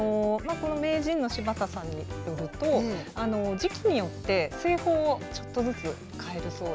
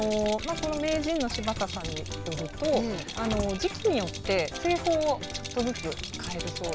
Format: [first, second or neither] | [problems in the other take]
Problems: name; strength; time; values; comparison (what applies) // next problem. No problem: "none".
first | background sound (Rattle + Typing); 9 dB below the speech